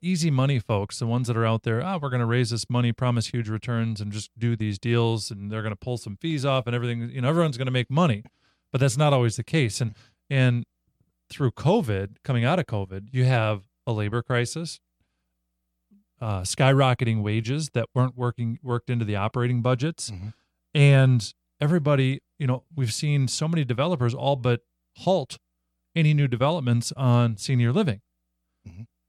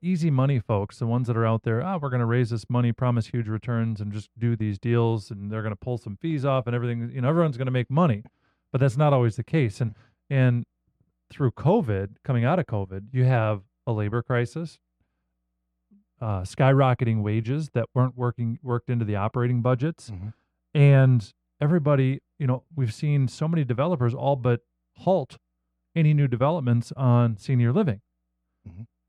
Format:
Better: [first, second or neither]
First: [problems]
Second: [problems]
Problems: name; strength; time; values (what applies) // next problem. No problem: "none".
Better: first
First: none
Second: muffled; slightly; fading above 2.5 kHz